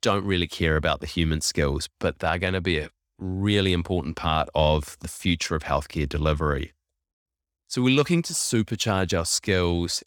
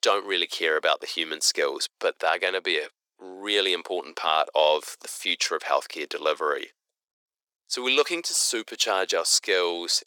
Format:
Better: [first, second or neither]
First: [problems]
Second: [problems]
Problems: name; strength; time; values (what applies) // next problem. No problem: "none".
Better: first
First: none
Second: thin; very; fading below 400 Hz